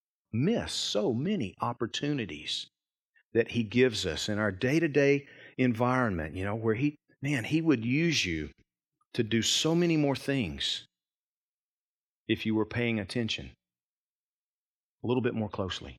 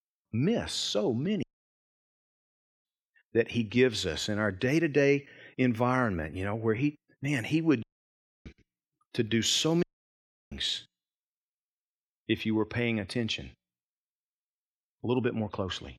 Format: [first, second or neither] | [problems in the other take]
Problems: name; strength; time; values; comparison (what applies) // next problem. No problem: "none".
first | audio cutting out; at 1.5 s for 1.5 s, at 8 s for 0.5 s and at 10 s for 0.5 s